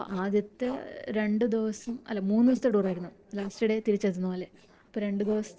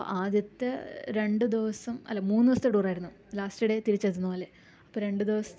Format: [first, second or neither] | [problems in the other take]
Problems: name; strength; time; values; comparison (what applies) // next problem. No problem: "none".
second | noise reduction (neural separator model SepFormer DNS4)